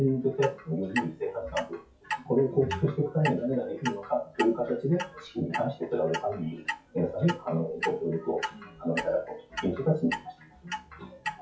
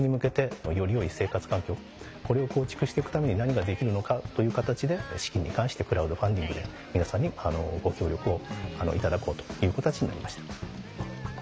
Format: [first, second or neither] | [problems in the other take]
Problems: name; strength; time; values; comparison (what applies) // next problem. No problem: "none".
second | noise reduction (classical method WPE with log-MMSE)